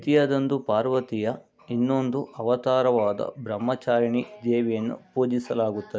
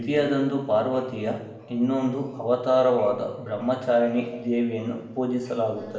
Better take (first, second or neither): first